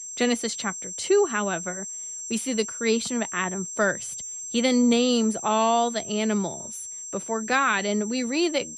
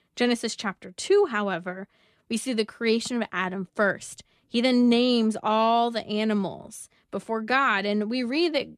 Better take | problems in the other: second | high-pitched whine; loud; throughout; 7.5 kHz, 8 dB below the speech

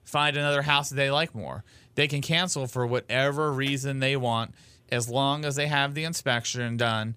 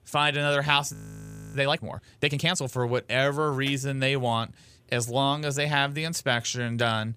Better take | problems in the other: first | audio freezing; at 1 s for 0.5 s

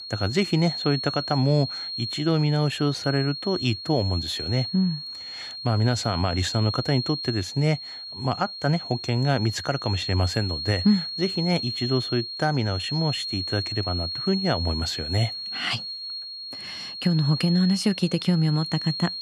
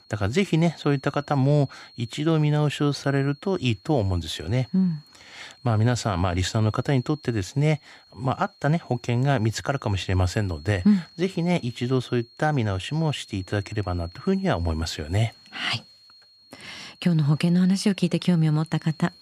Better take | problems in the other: second | high-pitched whine; loud; throughout; 4.5 kHz, 5 dB below the speech; faint in the second

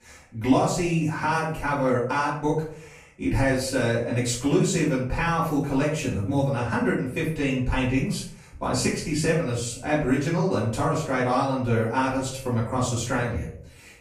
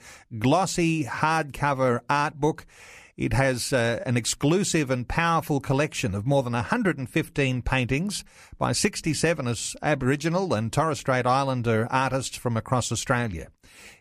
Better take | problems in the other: second | off-mic speech; far // room echo; noticeable; dies away in 0.5 s

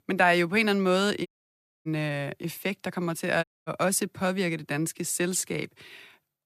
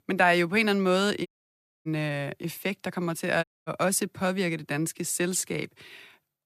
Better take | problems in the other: neither | audio cutting out; at 1.5 s for 0.5 s and at 3.5 s; the same in both

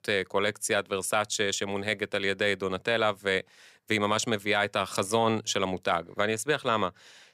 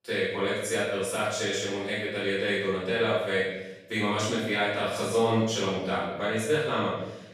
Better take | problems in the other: first | off-mic speech; far // room echo; strong; dies away in 0.9 s

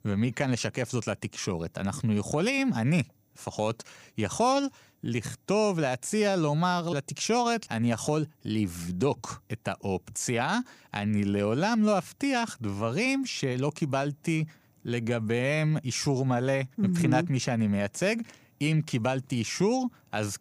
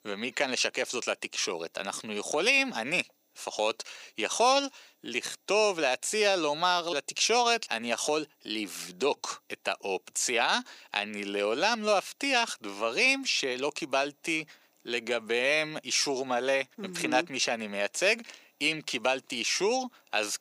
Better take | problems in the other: first | thin; somewhat; fading below 350 Hz

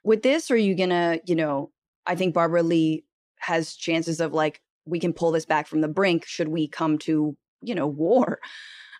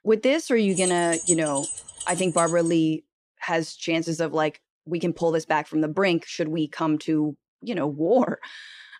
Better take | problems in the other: first | jangling keys; noticeable; from 1 to 2.5 s; peak level with the speech

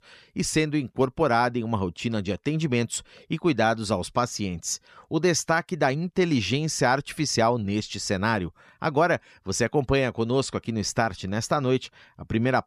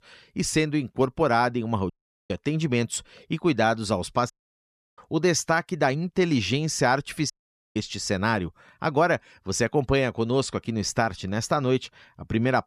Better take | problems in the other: first | audio cutting out; at 2 s, at 4.5 s for 0.5 s and at 7.5 s

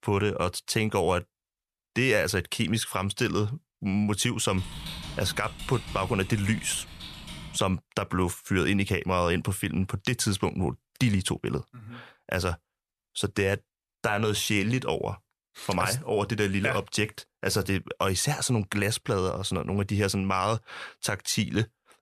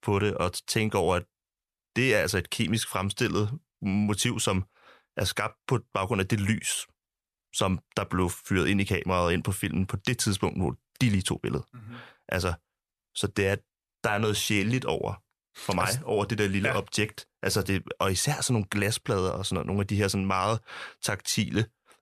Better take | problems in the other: second | keyboard typing; noticeable; from 4.5 to 7.5 s; peak 9 dB below the speech

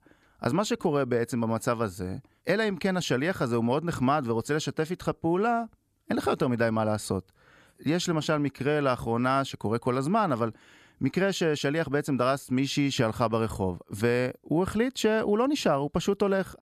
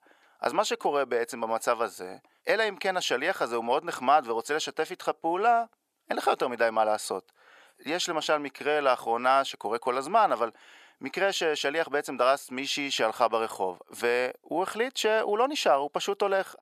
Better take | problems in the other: first | thin; very; fading below 550 Hz

